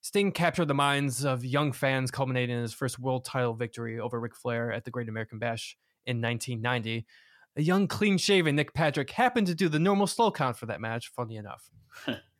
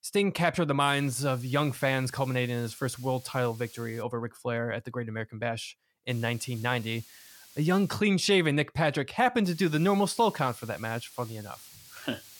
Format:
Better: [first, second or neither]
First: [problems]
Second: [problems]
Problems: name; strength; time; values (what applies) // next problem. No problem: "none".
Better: first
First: none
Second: hiss; faint; from 1 to 4 s, from 6 to 8 s and from 9.5 s on; 20 dB below the speech